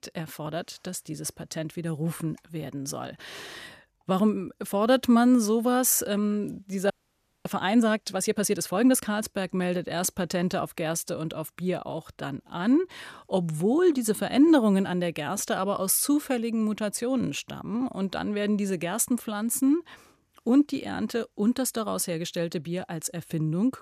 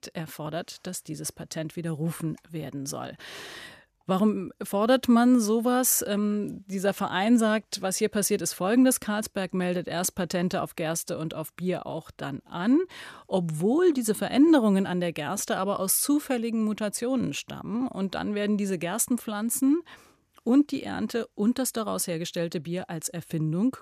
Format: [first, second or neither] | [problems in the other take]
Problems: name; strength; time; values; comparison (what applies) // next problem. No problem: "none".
second | audio freezing; at 7 s for 0.5 s